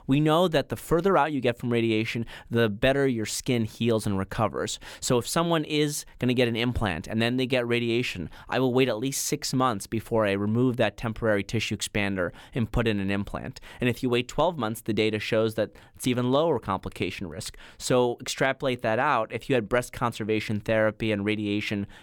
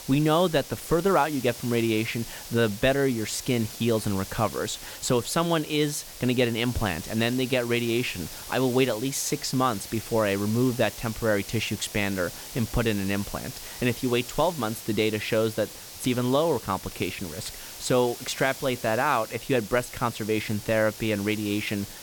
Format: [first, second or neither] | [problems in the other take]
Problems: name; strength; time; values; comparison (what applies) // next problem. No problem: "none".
first | hiss; noticeable; throughout; 10 dB below the speech